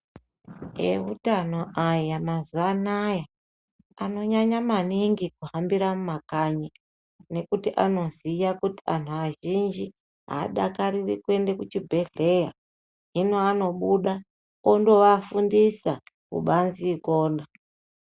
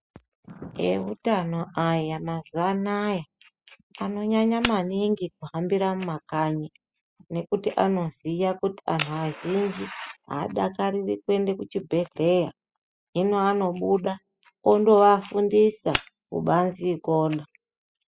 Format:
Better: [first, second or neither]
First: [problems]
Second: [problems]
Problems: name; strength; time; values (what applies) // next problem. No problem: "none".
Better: first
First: none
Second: noise reduction (classical method spectral subtraction)